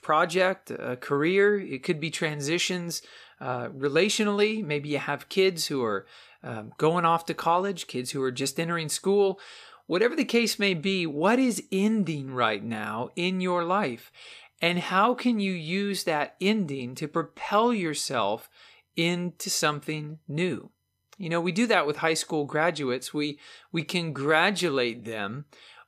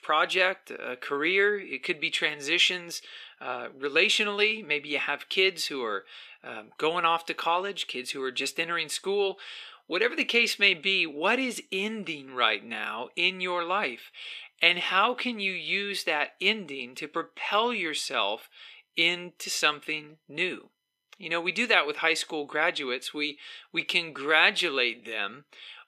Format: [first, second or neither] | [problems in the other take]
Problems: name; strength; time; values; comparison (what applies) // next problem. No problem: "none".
first | thin; somewhat; fading below 350 Hz